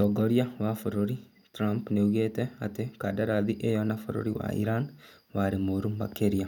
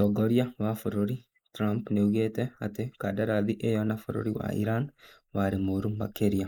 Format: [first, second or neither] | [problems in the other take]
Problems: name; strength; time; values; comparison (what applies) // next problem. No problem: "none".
first | noise reduction (neural mask model Resemble Enhance denoiser)